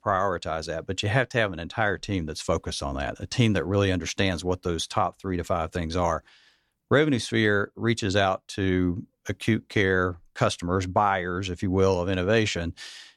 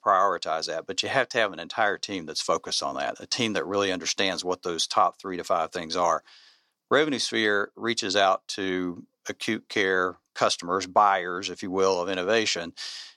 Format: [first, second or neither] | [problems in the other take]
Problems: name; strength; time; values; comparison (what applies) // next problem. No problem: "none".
first | thin; somewhat; fading below 300 Hz